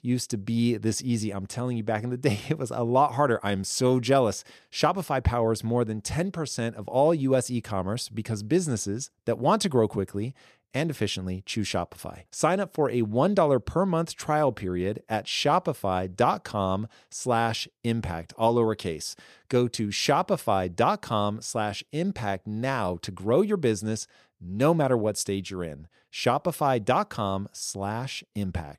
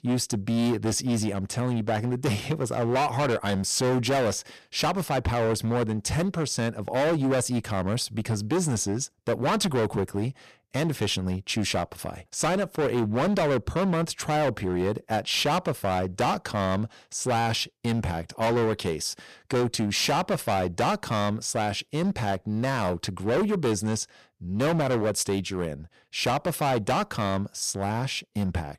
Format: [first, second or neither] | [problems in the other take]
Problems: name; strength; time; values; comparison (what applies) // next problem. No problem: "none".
first | distortion; heavy; 17% of the sound clipped